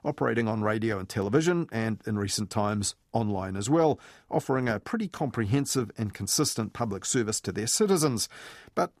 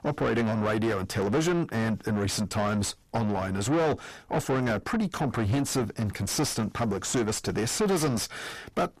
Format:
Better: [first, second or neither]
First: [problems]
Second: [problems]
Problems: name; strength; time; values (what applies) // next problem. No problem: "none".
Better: first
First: none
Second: distortion; heavy; 5 dB below the speech